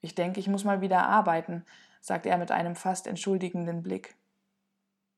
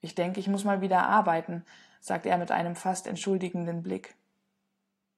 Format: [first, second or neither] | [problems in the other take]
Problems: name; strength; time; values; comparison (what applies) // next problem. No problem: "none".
first | garbled, watery; slightly